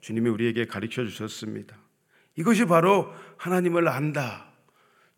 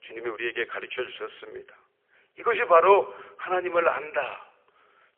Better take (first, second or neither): first